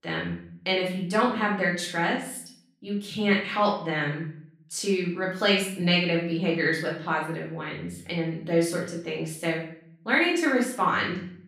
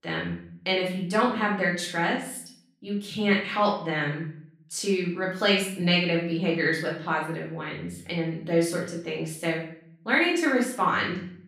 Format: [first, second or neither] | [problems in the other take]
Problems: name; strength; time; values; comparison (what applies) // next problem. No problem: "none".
neither | off-mic speech; far; the same in both // room echo; noticeable; dies away in 0.5 s; the same in both